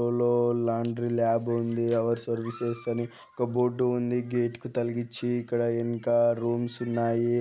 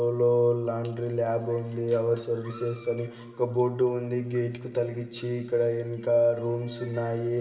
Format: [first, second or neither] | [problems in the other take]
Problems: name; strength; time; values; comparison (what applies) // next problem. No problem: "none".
first | room echo; dies away in 2.8 s